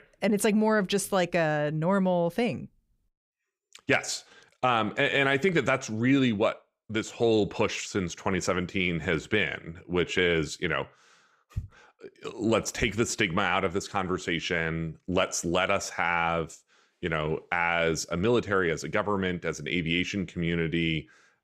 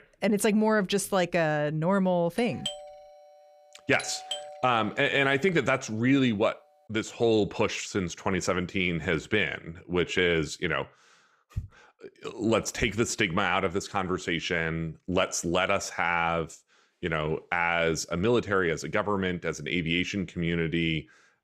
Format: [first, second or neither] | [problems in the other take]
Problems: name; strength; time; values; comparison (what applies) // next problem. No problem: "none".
first | doorbell; noticeable; from 2.5 to 4.5 s; peak 8 dB below the speech